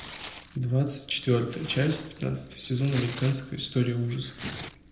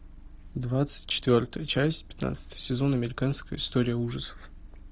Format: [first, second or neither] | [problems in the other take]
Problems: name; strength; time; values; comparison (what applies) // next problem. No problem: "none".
second | background sound (Tearing); 15 dB below the speech // room echo; dies away in 0.7 s